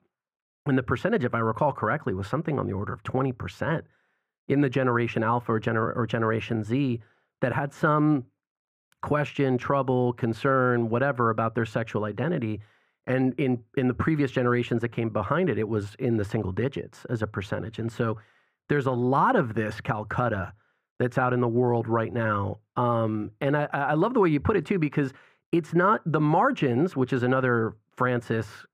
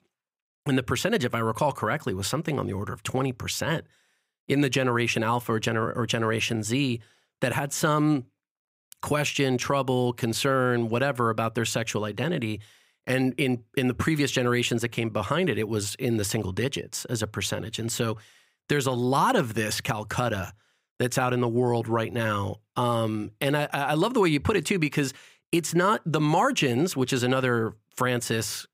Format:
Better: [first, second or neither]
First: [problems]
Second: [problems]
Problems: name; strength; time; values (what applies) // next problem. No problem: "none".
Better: second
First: muffled; very; fading above 3 kHz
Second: none